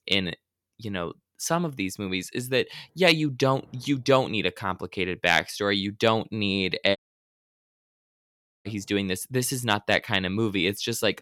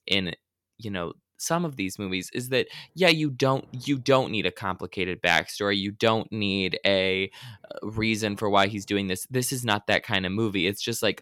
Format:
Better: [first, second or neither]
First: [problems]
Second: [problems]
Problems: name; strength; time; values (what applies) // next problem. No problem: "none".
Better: second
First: audio cutting out; at 7 s for 1.5 s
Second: none